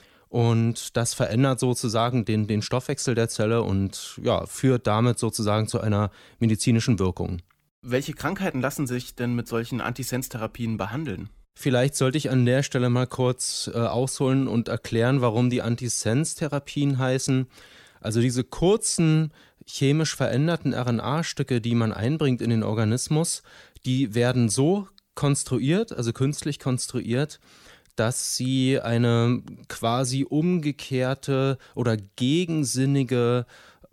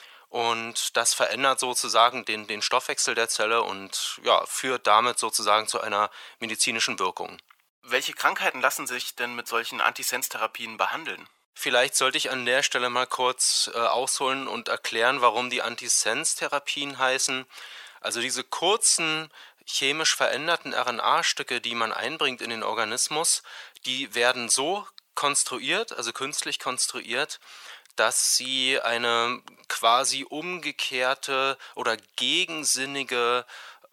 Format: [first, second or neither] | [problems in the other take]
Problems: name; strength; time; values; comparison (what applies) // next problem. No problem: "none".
first | thin; very; fading below 850 Hz